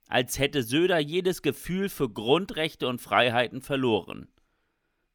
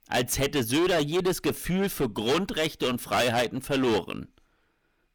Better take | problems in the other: first | distortion; heavy; 16% of the sound clipped

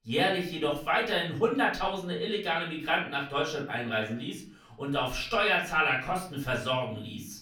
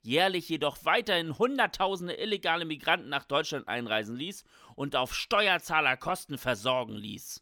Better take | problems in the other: second | off-mic speech; far // room echo; slight; dies away in 0.4 s

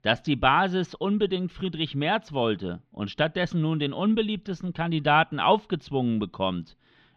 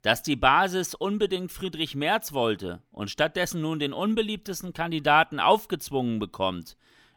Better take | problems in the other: second | muffled; slightly; fading above 3.5 kHz

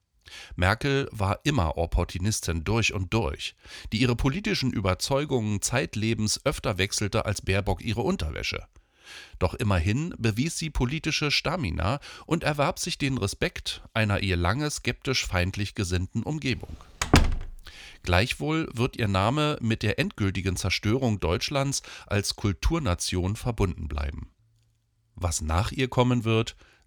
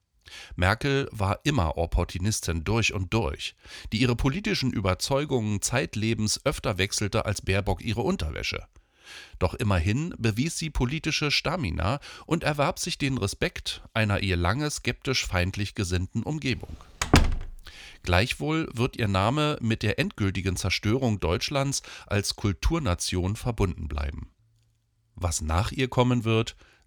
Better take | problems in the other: neither | door banging; loud; at 17 s; peak 5 dB above the speech; the same in both

